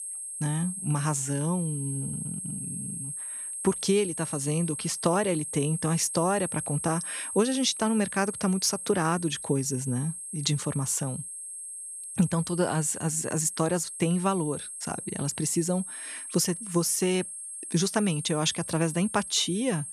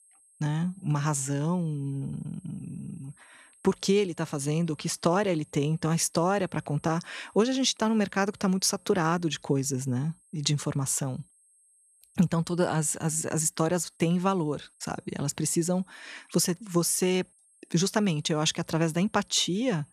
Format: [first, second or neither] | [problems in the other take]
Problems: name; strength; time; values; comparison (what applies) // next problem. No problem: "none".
second | high-pitched whine; loud; throughout; 8.5 kHz, 7 dB below the speech; faint in the second